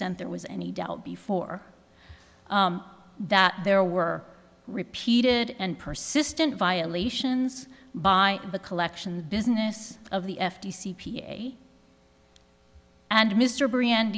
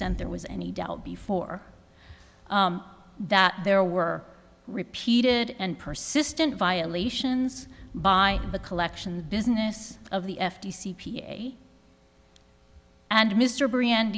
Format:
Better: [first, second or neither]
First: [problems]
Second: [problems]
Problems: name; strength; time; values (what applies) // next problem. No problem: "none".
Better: first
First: none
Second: background sound (Thunder / Rain); 17 dB below the speech